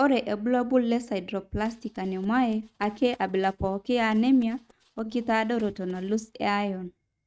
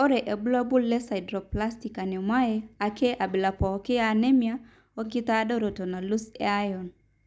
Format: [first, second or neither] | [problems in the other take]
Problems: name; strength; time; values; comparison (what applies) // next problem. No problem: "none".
second | noise reduction (neural mask model RNNoise)